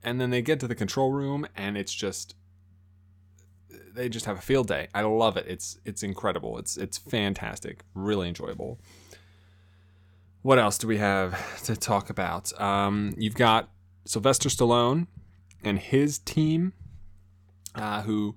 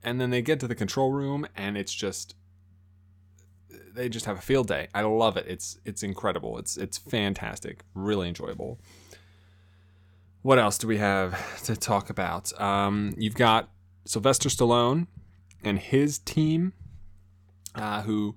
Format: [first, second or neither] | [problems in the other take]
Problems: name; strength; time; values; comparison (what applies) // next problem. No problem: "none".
neither | none